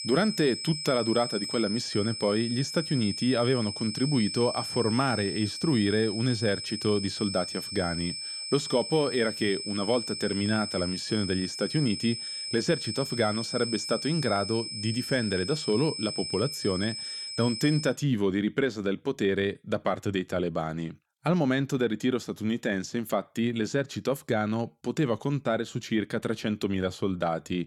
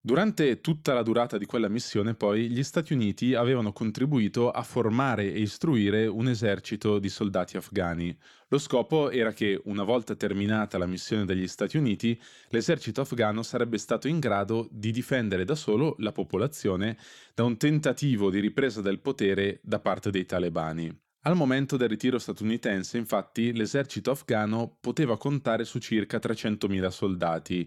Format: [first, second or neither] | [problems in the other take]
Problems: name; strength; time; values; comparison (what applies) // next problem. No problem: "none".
second | high-pitched whine; loud; until 18 s; 5 kHz, 5 dB below the speech